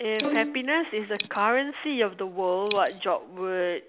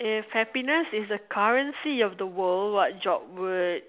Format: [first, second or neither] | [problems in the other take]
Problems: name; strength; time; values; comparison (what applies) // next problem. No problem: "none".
second | background sound (Bowed string instrument + Coin (dropping)); 9 dB below the speech